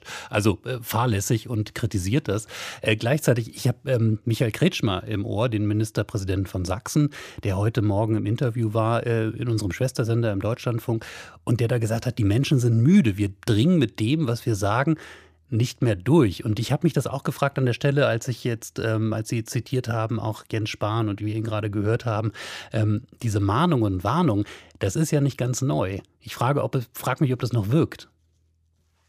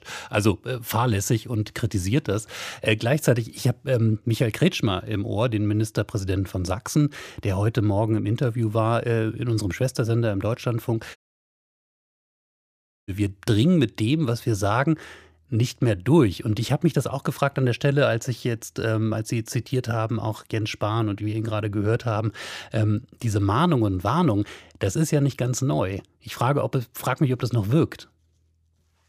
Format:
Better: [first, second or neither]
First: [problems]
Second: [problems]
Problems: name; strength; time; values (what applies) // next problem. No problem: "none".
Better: first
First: none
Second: audio cutting out; at 11 s for 2 s